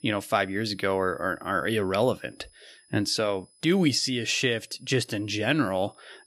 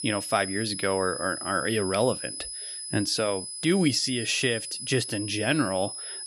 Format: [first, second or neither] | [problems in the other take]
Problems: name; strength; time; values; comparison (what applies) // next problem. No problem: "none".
first | high-pitched whine; loud; throughout; 10 kHz, 7 dB below the speech; faint in the first